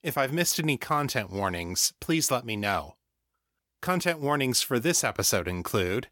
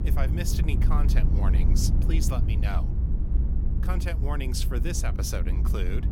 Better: first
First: none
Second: low rumble; loud; throughout; 5 dB below the speech

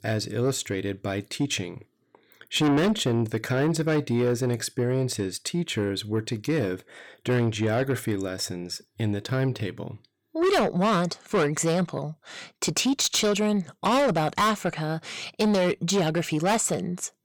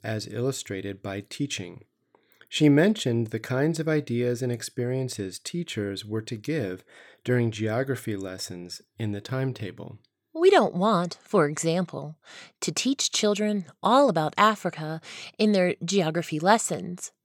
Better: second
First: distortion; heavy; 7 dB below the speech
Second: none

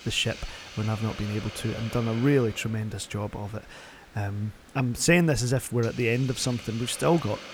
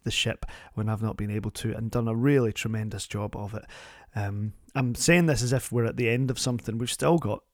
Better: second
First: hiss; noticeable; throughout; 15 dB below the speech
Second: none

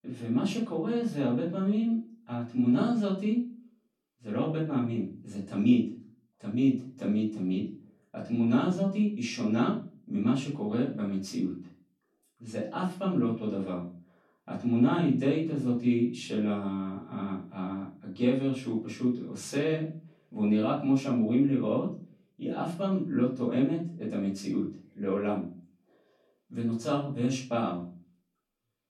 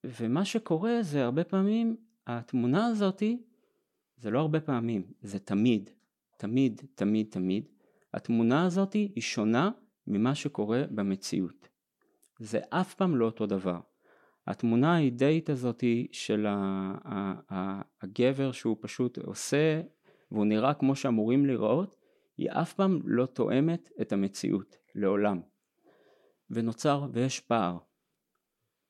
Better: second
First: off-mic speech; far // room echo; slight; dies away in 0.4 s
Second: none

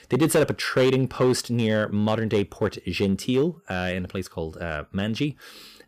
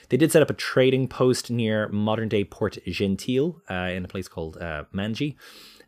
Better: second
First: distortion; slight; 4% of the sound clipped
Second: none

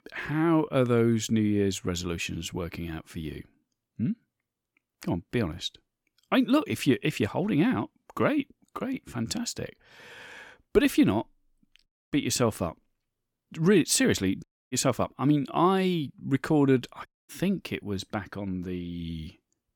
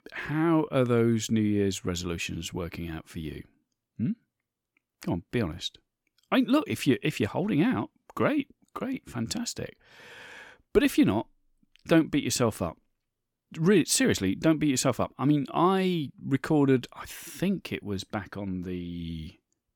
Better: second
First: audio cutting out; at 12 s, at 14 s and at 17 s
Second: none

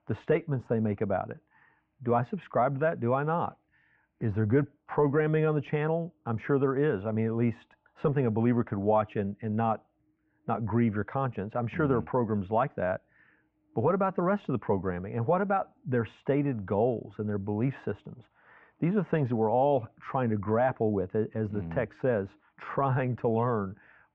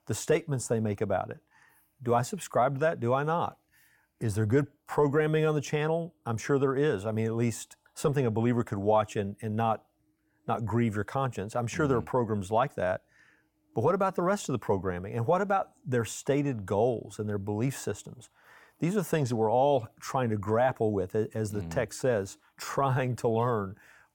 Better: second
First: muffled; very; fading above 2.5 kHz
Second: none

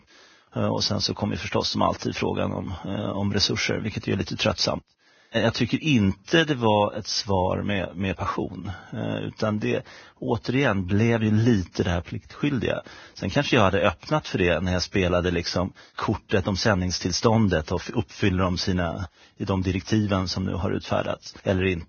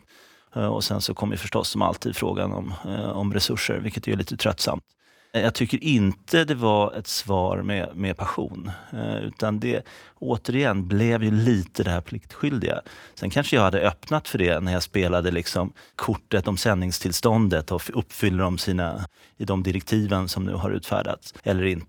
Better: second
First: garbled, watery; badly; nothing above 6.5 kHz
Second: none

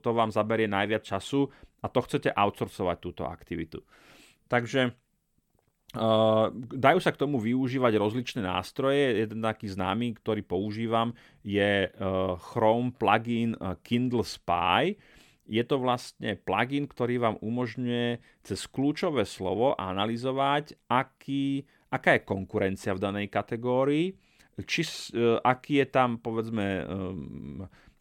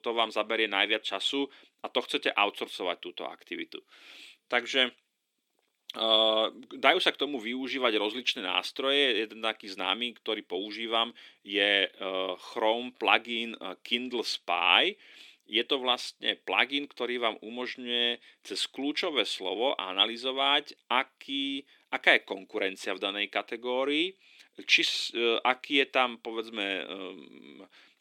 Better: first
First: none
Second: thin; very slightly; fading below 300 Hz

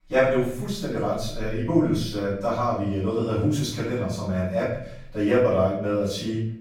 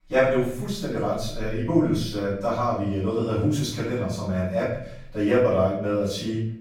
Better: neither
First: off-mic speech; far // room echo; noticeable; dies away in 0.7 s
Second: off-mic speech; far // room echo; noticeable; dies away in 0.7 s

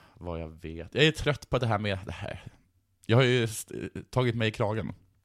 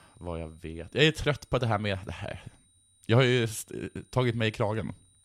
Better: first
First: none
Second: high-pitched whine; faint; throughout; 9 kHz, 35 dB below the speech

